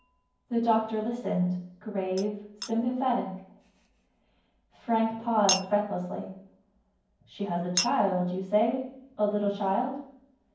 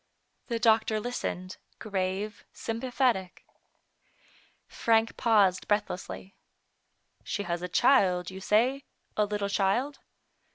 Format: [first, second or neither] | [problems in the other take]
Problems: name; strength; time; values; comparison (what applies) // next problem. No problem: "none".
second | background sound (Chink, clink); 12 dB below the speech // room echo; dies away in 0.9 s